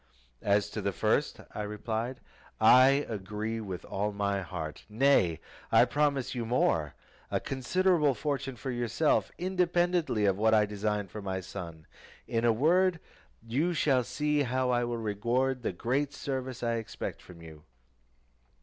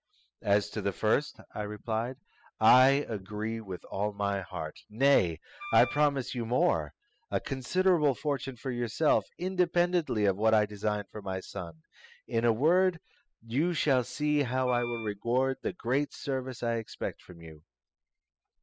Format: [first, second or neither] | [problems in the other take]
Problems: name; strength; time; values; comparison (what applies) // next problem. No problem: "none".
first | noise reduction (classical method spectral subtraction)